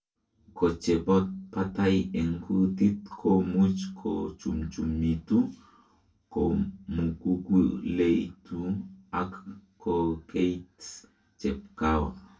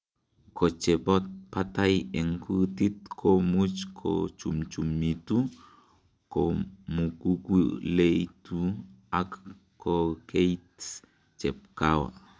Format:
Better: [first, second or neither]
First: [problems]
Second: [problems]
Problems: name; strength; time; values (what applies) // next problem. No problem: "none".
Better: second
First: room echo; dies away in 0.2 s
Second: none